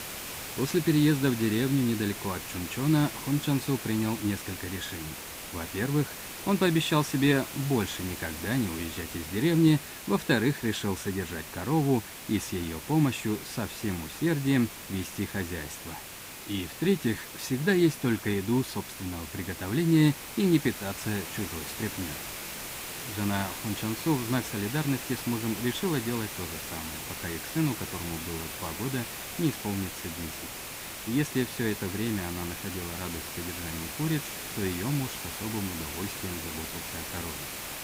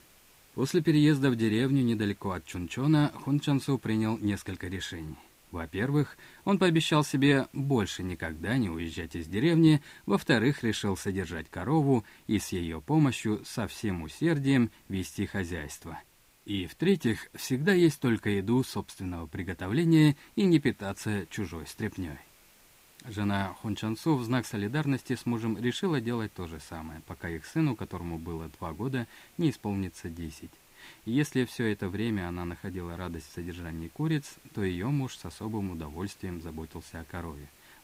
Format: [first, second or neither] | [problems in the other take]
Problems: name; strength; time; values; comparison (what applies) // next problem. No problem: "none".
second | hiss; loud; throughout; 8 dB below the speech; faint in the second